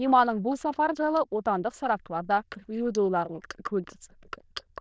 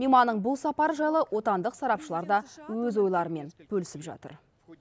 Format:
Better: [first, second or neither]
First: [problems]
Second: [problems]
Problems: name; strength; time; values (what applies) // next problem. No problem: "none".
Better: second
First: noise reduction (neural diffusion model UNIVERSE++)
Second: none